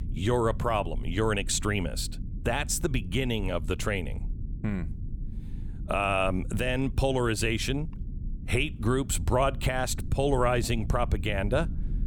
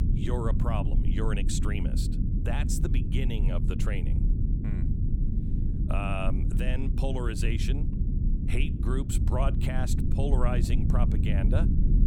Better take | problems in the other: first | low rumble; loud; throughout; 4 dB below the speech; faint in the first

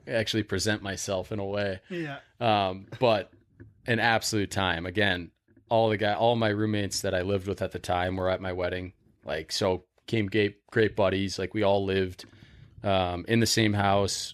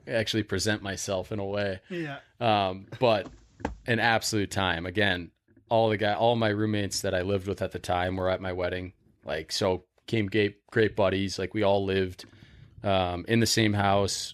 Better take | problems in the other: first | footsteps; faint; at 3.5 s; peak 10 dB below the speech

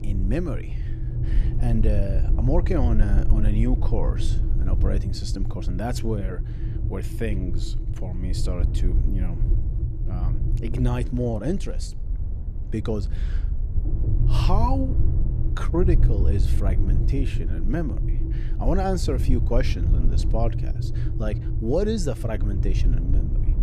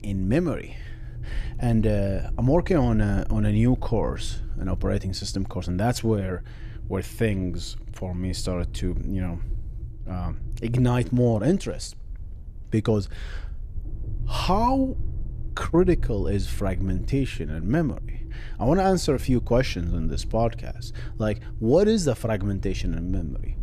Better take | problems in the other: second | low rumble; loud; throughout; 9 dB below the speech; faint in the second

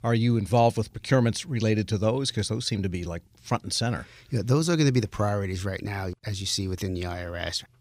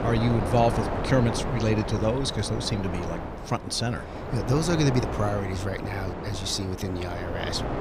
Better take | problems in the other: first | wind noise on the microphone; heavy; 4 dB below the speech

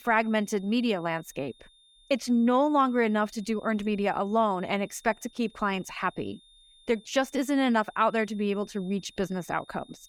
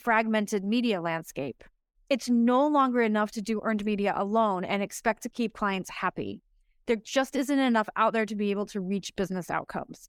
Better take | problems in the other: second | high-pitched whine; faint; throughout; 3.5 kHz, 30 dB below the speech

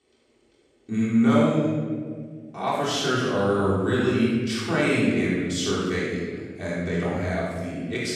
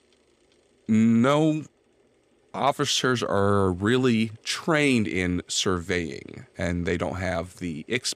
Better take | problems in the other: second | off-mic speech; far // room echo; strong; dies away in 1.7 s

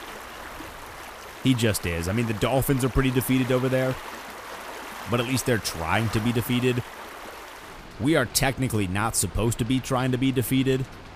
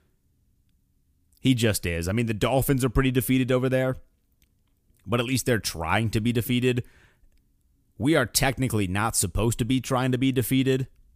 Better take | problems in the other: second | rain or running water; noticeable; throughout; 15 dB below the speech

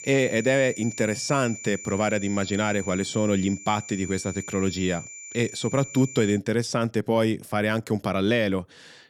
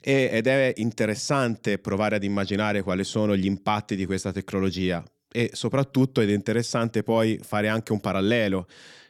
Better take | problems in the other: second | high-pitched whine; noticeable; until 6.5 s; 7 kHz, 10 dB below the speech

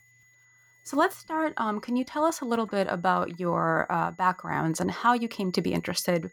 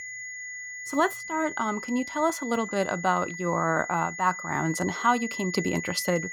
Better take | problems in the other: first | high-pitched whine; loud; throughout; 2 kHz, 8 dB below the speech; faint in the first

